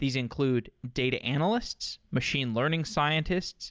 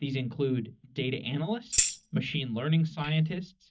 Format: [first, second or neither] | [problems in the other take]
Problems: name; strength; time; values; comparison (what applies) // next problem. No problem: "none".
first | noise reduction (neural mask model DeepFilterNet 3)